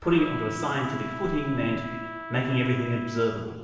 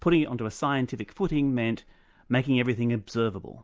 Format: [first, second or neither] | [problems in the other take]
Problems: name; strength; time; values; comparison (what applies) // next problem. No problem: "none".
second | background sound (Trumpet); 10 dB below the speech // room echo; dies away in 1.3 s